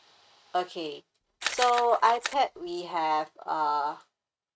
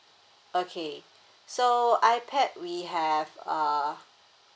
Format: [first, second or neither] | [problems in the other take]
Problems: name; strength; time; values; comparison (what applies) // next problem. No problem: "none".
second | noise reduction (neural mask model RNNoise)